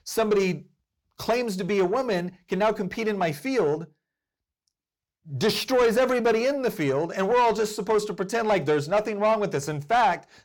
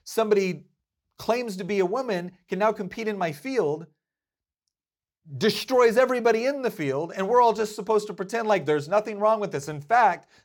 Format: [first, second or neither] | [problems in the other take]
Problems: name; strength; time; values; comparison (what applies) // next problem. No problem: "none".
second | distortion; slight; 10 dB below the speech